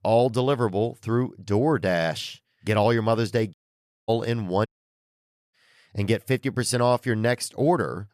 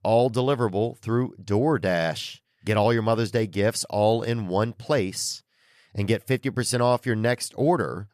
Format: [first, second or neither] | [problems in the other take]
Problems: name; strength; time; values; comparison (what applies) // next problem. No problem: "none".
second | audio cutting out; at 3.5 s for 0.5 s and at 4.5 s for 1 s